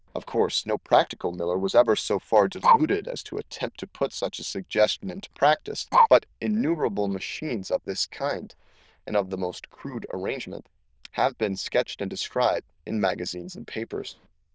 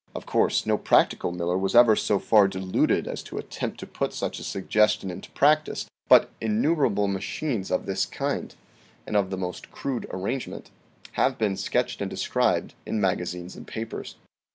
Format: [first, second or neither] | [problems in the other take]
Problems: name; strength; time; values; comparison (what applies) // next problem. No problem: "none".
second | noise reduction (neural diffusion model UNIVERSE++)